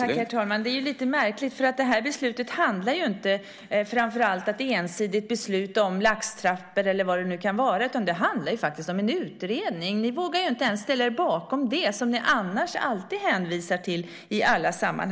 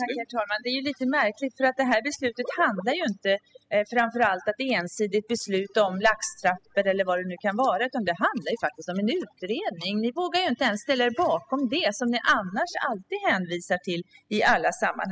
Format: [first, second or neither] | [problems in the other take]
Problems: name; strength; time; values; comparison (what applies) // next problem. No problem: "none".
first | noise reduction (classical method spectral subtraction)